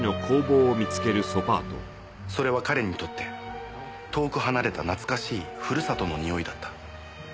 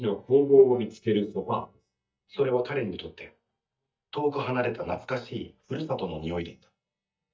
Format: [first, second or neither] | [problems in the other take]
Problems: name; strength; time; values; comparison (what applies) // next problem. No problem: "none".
first | noise reduction (neural mask model DeepFilterNet 3)